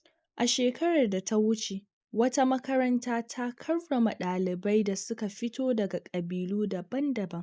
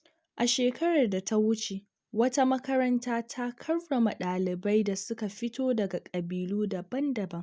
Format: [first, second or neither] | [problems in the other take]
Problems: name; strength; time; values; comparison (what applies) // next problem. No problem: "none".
second | noise reduction (neural mask model Resemble Enhance denoiser)